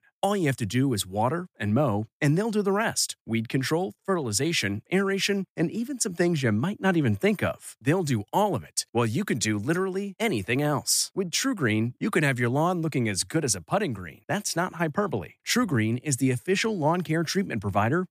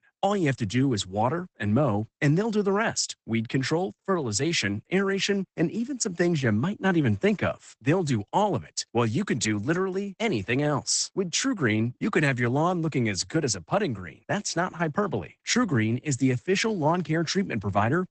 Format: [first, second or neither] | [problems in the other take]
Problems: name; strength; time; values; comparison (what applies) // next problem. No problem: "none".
first | garbled, watery; badly; nothing above 8 kHz